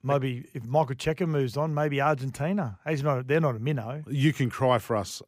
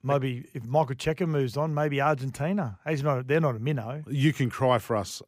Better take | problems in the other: neither | none

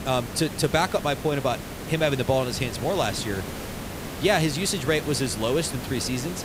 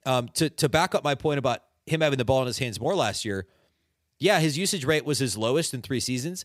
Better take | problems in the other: second | hiss; loud; throughout; 9 dB below the speech

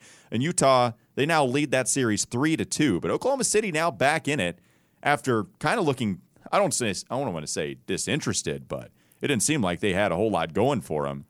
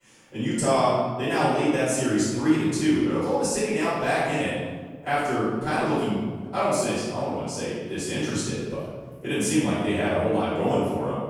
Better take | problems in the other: first | room echo; strong; dies away in 1.3 s // off-mic speech; far

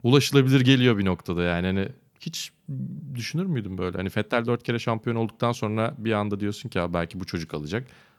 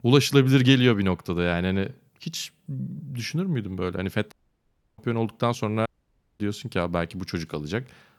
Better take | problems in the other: first | audio cutting out; at 4.5 s for 0.5 s and at 6 s for 0.5 s

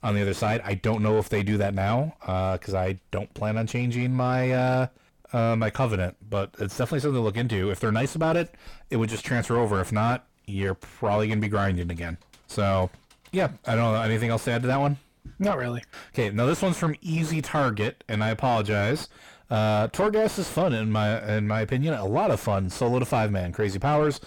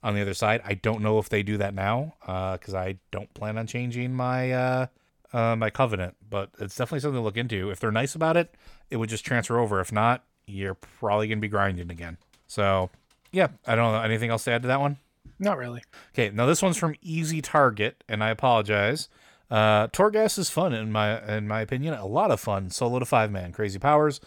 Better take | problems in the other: second | distortion; heavy; 6 dB below the speech

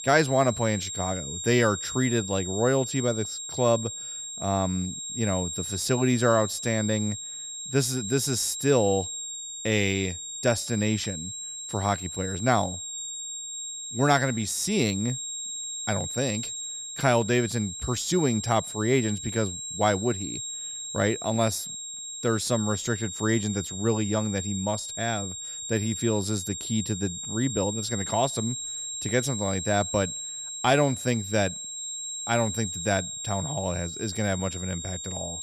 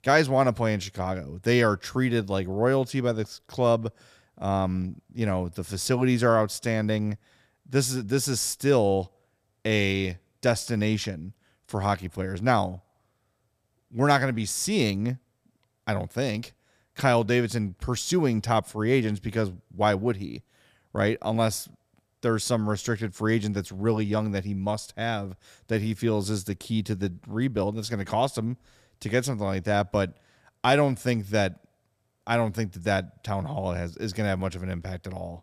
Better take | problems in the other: second | high-pitched whine; loud; throughout; 7.5 kHz, 6 dB below the speech

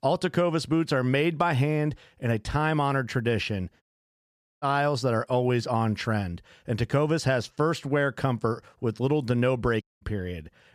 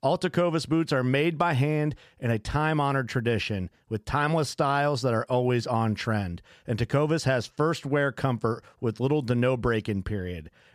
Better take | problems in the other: second | audio cutting out; at 4 s for 1 s and at 10 s

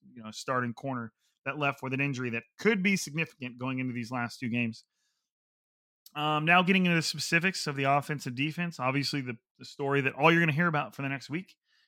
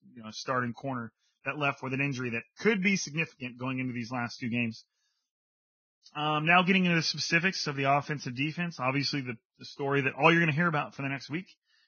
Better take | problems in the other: first | garbled, watery; badly; nothing above 6.5 kHz

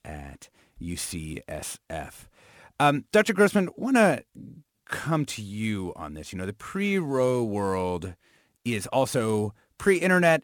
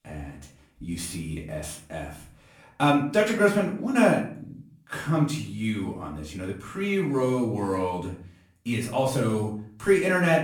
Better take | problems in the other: first | off-mic speech; far // room echo; slight; dies away in 0.4 s

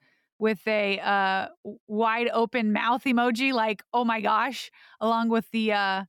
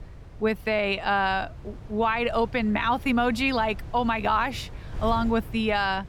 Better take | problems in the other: first | wind noise on the microphone; occasional gusts; 25 dB below the speech

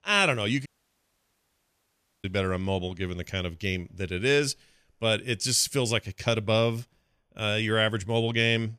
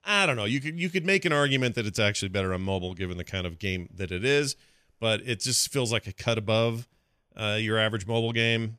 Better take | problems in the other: second | audio cutting out; at 0.5 s for 1.5 s

